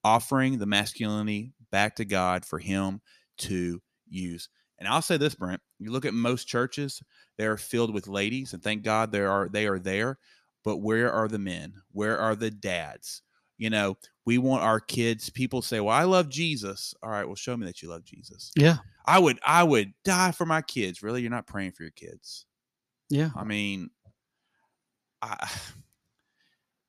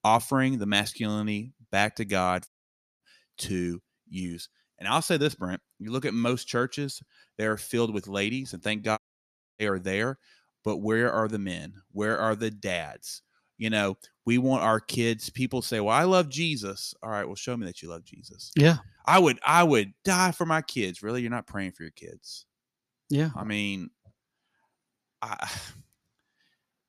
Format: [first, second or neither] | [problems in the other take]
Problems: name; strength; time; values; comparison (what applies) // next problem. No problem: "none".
first | audio cutting out; at 2.5 s for 0.5 s and at 9 s for 0.5 s